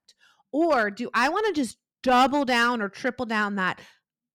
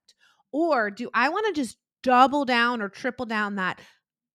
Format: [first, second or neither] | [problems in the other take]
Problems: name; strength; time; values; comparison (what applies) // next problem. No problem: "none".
second | distortion; slight; 4% of the sound clipped